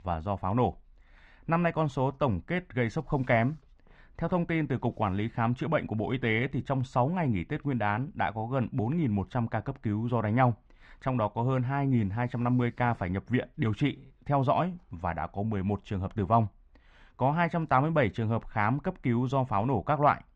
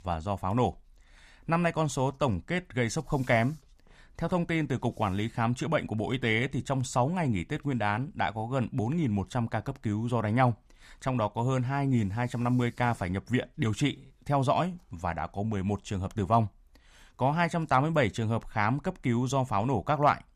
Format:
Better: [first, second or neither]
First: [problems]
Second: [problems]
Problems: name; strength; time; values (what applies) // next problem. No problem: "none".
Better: second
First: muffled; slightly; fading above 2.5 kHz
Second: none